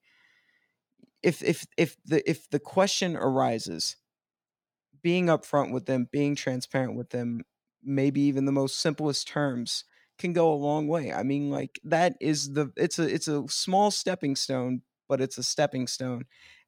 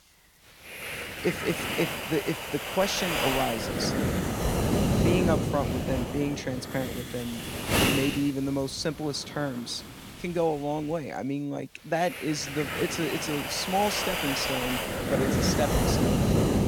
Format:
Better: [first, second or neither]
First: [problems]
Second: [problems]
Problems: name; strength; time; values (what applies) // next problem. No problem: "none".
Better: first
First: none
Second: wind noise on the microphone; heavy; 1 dB above the speech